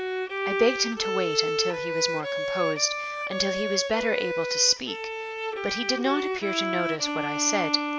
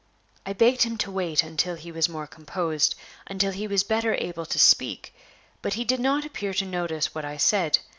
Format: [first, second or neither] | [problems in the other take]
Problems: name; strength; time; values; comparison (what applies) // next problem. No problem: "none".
second | background sound (Bowed string instrument); 1 dB below the speech